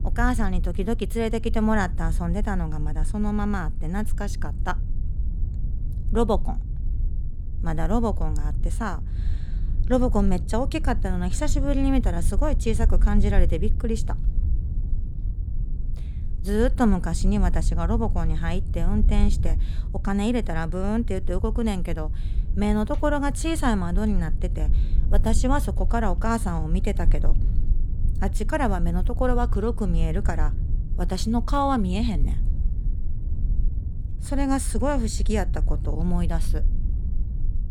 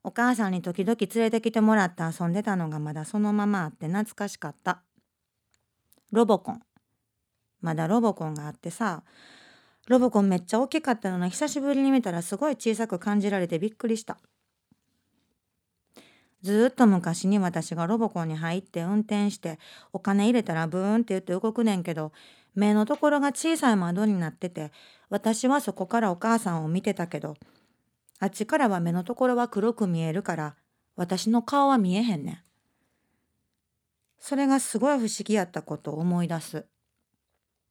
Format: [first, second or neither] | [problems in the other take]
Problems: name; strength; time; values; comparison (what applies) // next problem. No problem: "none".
second | low rumble; noticeable; throughout; 15 dB below the speech